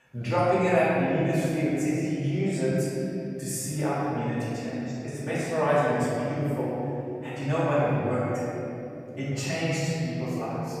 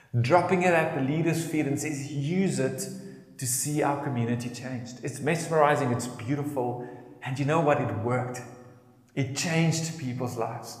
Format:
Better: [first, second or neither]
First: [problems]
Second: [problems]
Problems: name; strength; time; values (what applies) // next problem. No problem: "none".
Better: second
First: room echo; strong; dies away in 3 s // off-mic speech; far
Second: room echo; slight; dies away in 1 s